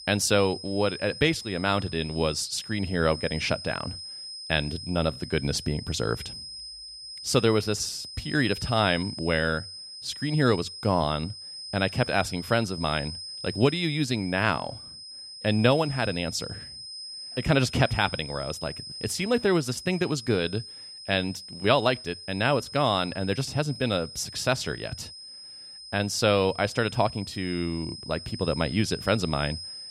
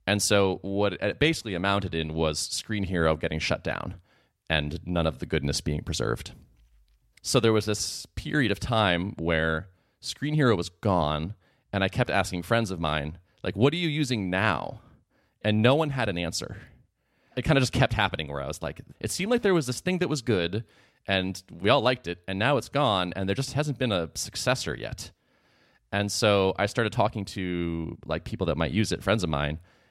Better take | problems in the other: second | high-pitched whine; noticeable; throughout; 5 kHz, 10 dB below the speech

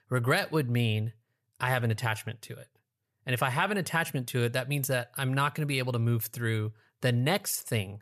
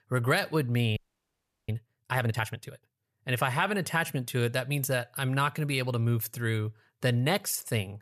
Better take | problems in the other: first | audio freezing; at 1 s for 0.5 s

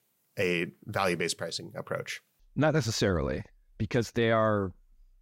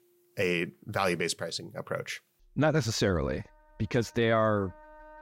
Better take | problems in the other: first | background music; faint; throughout; 30 dB below the speech

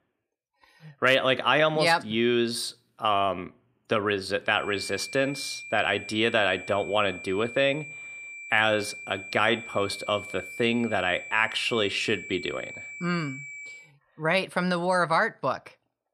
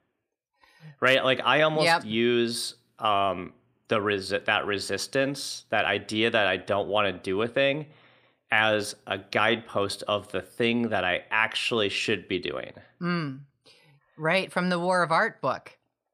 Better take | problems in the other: second | high-pitched whine; noticeable; from 4.5 to 14 s; 2.5 kHz, 10 dB below the speech

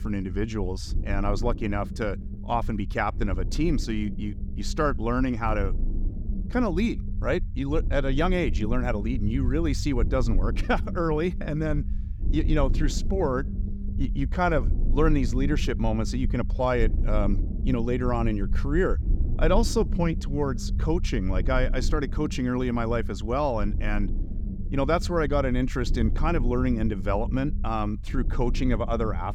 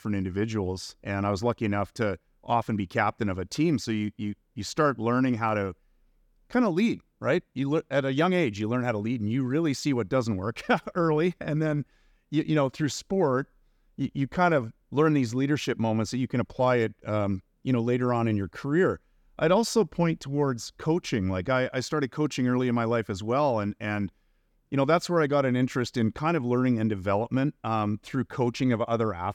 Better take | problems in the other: second | low rumble; noticeable; throughout; 15 dB below the speech

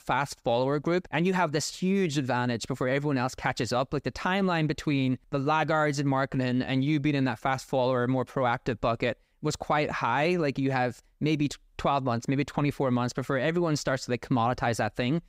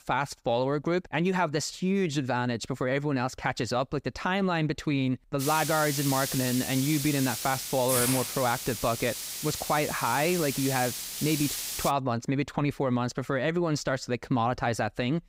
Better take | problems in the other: first | hiss; loud; from 5.5 to 12 s; 3 dB below the speech

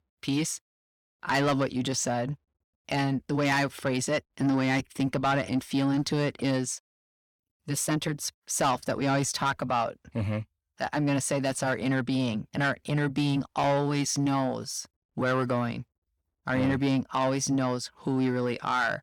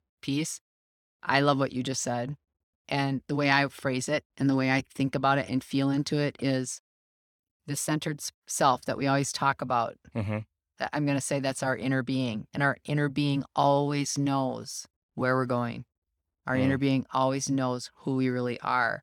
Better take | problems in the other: second | distortion; slight; 10 dB below the speech

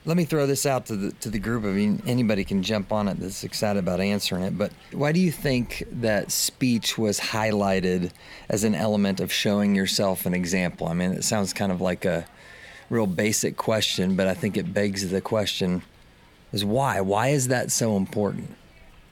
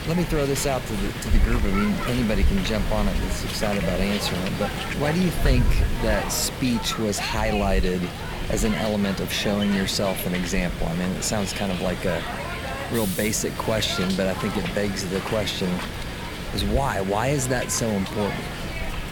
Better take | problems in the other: first | hiss; loud; throughout; 4 dB below the speech; faint in the first

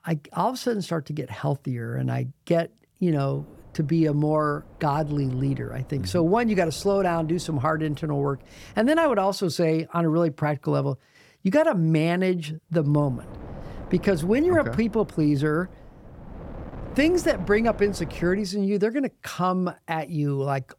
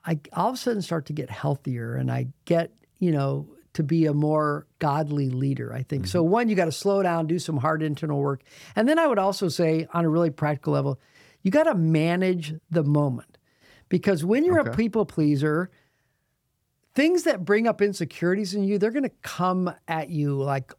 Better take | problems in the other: second | wind noise on the microphone; occasional gusts; from 3 to 9 s and from 13 to 18 s; 20 dB below the speech

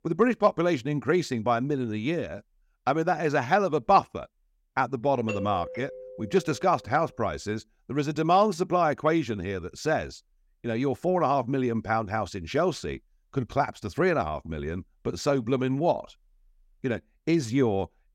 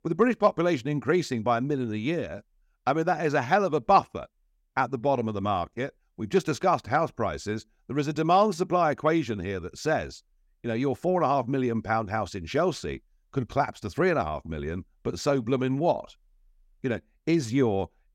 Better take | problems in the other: second | doorbell; noticeable; from 5.5 to 7 s; peak 8 dB below the speech

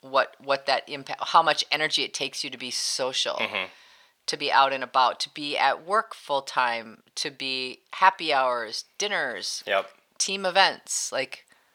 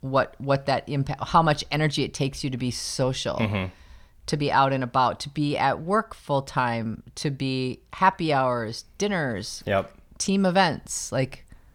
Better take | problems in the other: second | thin; very; fading below 550 Hz

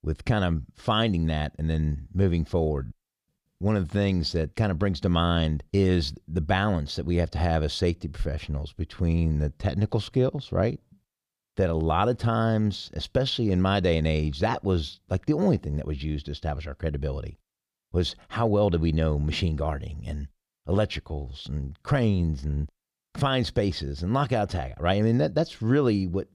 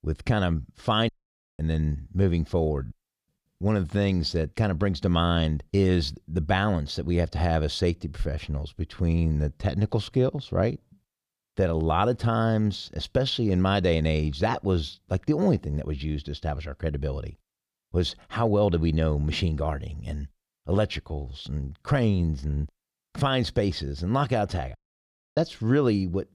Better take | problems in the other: first | audio cutting out; at 1 s for 0.5 s and at 25 s for 0.5 s

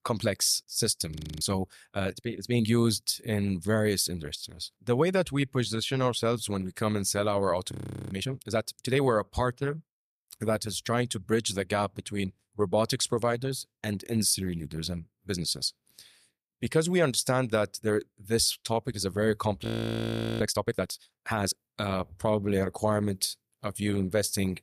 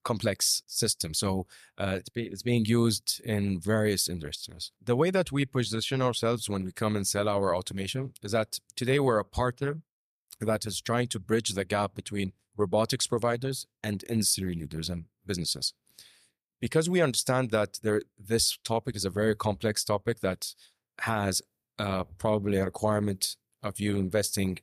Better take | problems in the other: second | audio freezing; at 1 s, at 7.5 s and at 20 s for 1 s

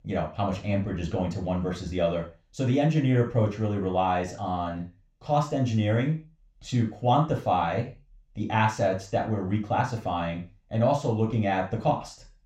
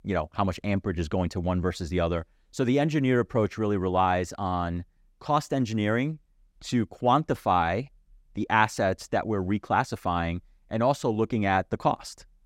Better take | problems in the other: second | room echo; slight; dies away in 0.3 s // off-mic speech; somewhat distant

